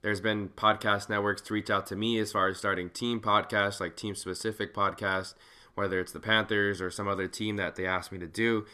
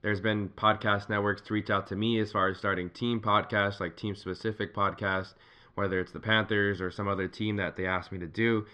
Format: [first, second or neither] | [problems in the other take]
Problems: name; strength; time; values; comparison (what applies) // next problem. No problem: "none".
first | muffled; very slightly; fading above 4 kHz